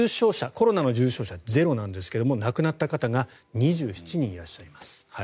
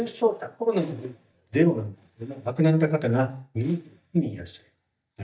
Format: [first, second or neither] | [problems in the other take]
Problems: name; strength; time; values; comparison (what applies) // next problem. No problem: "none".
first | noise reduction (neural mask model DeepFilterNet 3)